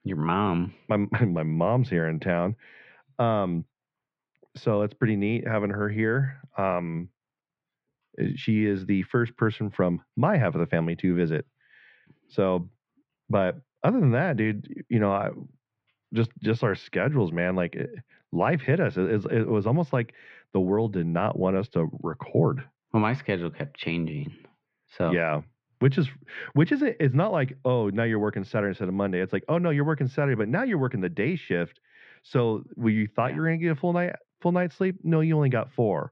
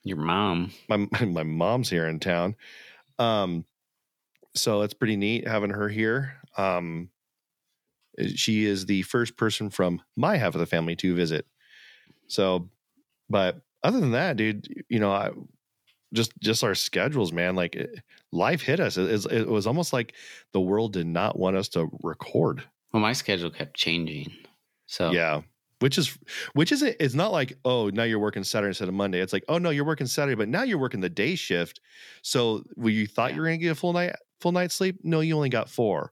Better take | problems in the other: second | muffled; very; fading above 2 kHz

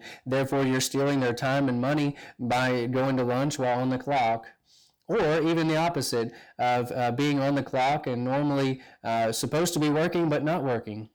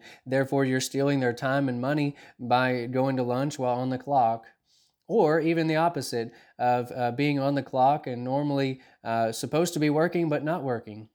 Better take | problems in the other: second | distortion; heavy; 7 dB below the speech

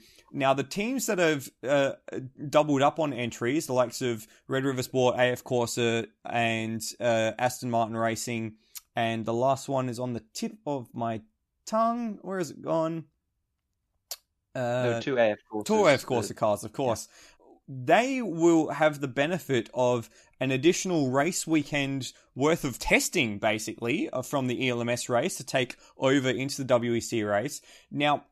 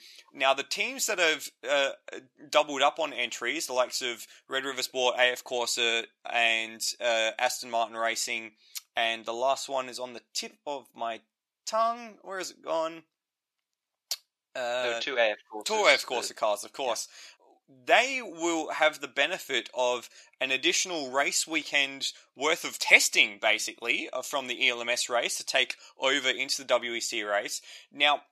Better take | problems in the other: first | thin; somewhat; fading below 550 Hz

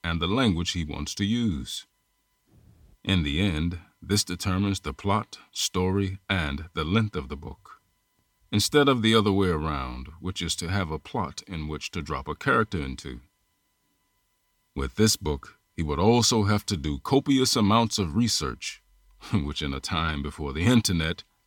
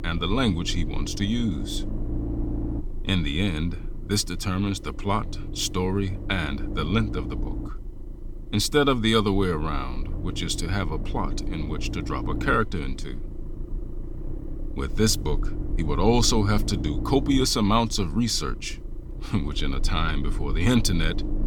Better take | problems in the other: first | low rumble; noticeable; throughout; 15 dB below the speech

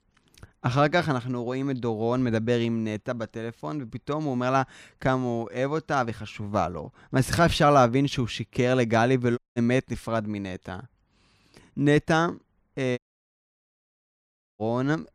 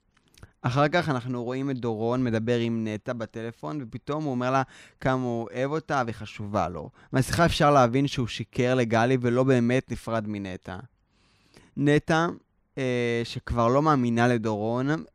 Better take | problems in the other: second | audio cutting out; at 9.5 s and at 13 s for 1.5 s

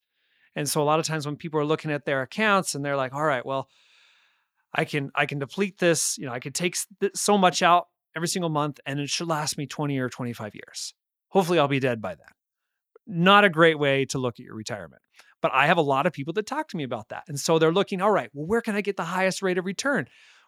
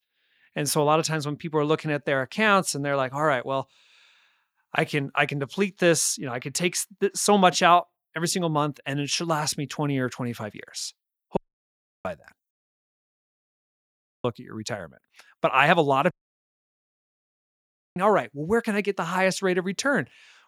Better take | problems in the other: first | audio cutting out; at 11 s for 0.5 s, at 13 s for 1.5 s and at 16 s for 2 s

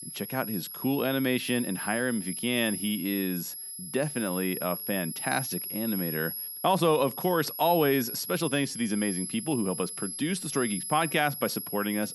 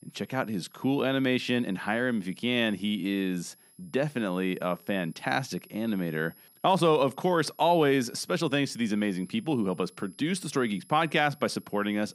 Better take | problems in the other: second | high-pitched whine; loud; throughout; 11 kHz, 6 dB below the speech; faint in the second

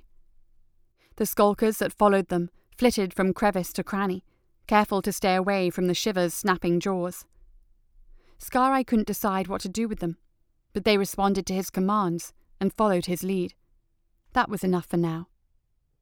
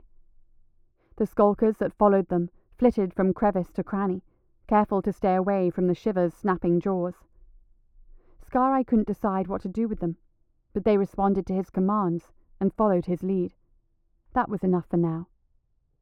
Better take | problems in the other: first | muffled; very; fading above 2 kHz

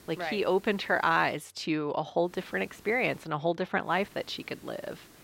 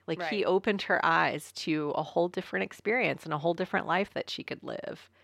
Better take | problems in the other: second | hiss; faint; until 1.5 s, at 2.5 s and from 4 s on; 25 dB below the speech

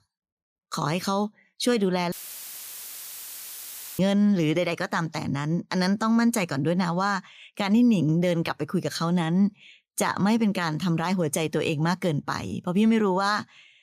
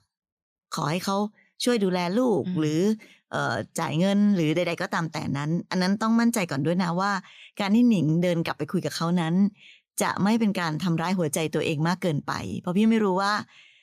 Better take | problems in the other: second | audio cutting out; filled with static; at 2 s for 2 s

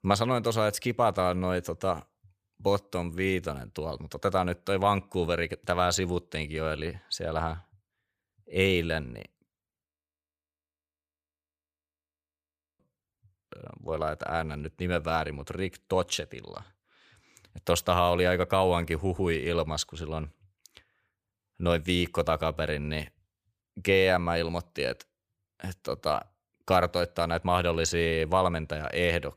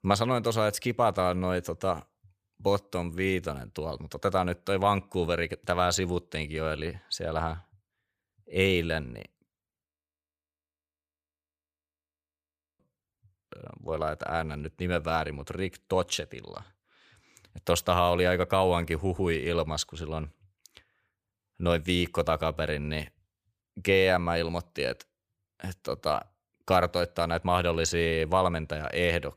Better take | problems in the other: neither | audio freezing; at 10 s for 3 s; the same in both

